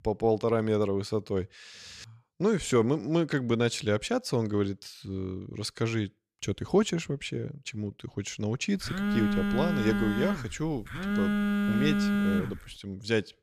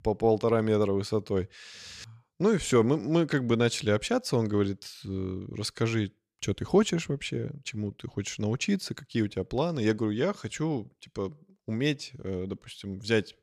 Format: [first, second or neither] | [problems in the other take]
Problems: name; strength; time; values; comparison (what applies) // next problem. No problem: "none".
second | phone ringing; loud; from 9 to 13 s; peak 4 dB above the speech